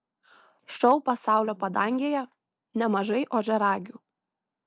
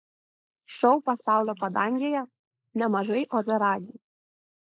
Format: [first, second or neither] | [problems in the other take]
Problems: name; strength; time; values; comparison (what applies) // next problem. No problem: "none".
first | noise reduction (neural mask model Resemble Enhance denoiser)